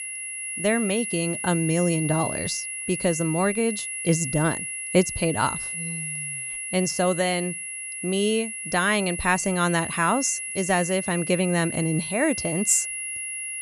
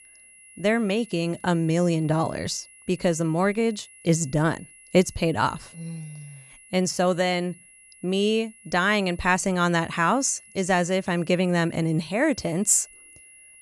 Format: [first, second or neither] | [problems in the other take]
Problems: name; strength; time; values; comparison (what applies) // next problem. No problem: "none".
second | high-pitched whine; loud; throughout; 10.5 kHz, 5 dB below the speech; faint in the second